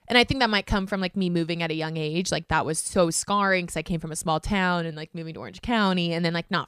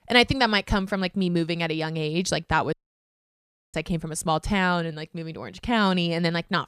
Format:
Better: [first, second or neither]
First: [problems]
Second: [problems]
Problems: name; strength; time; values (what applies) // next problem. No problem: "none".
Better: first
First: none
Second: audio cutting out; at 2.5 s for 1 s